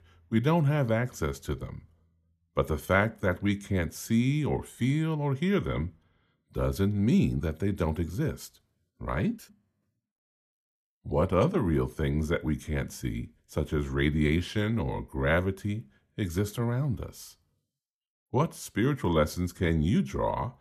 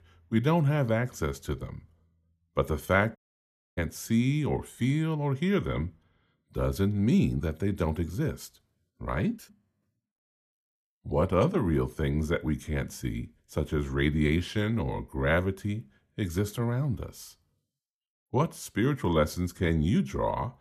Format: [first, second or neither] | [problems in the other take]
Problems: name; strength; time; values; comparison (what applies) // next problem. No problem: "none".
first | audio cutting out; at 3 s for 0.5 s